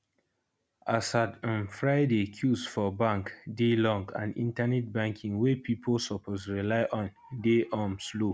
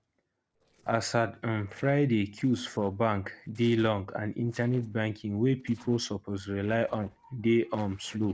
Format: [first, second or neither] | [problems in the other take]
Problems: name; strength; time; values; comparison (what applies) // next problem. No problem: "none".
first | noise reduction (neural separator model SepFormer DNS4)